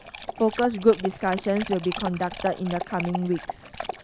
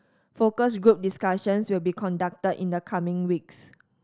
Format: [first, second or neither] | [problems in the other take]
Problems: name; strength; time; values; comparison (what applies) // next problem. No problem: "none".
second | background sound (Dog); 10 dB below the speech